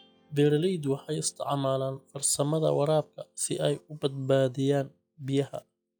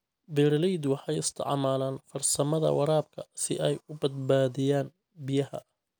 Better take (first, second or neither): second